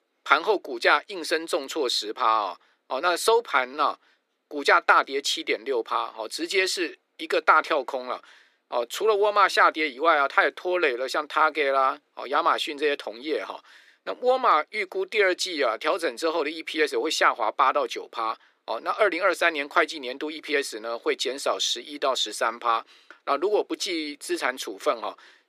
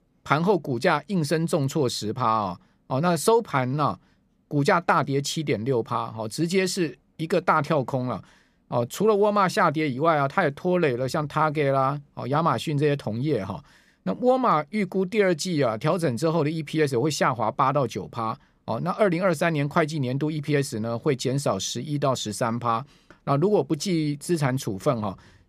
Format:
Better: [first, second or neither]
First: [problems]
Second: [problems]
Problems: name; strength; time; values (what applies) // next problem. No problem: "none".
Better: second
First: thin; very; fading below 350 Hz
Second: none